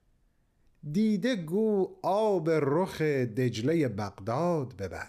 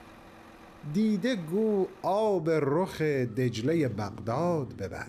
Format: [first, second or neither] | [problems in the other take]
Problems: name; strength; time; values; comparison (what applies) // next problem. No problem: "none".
first | traffic noise; noticeable; throughout; 20 dB below the speech